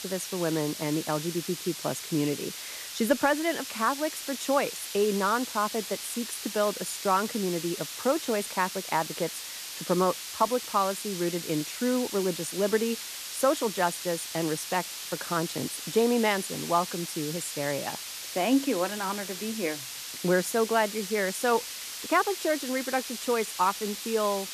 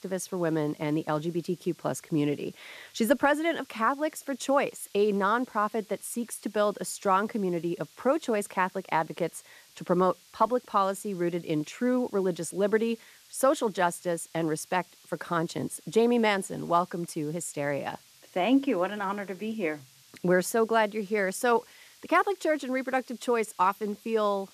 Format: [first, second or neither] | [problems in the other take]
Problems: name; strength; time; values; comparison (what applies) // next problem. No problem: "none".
second | hiss; loud; throughout; 7 dB below the speech; faint in the second